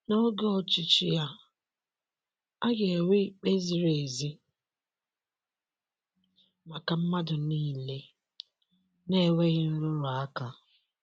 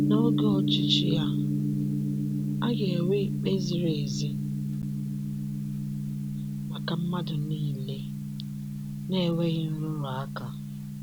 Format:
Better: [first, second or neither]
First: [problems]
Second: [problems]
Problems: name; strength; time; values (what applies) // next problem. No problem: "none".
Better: first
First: none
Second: background sound (Gong); 3 dB above the speech